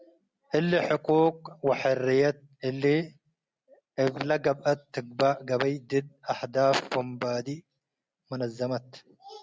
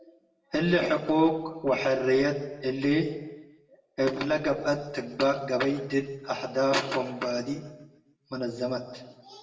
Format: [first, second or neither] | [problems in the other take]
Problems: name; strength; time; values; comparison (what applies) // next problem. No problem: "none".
first | room echo; dies away in 0.9 s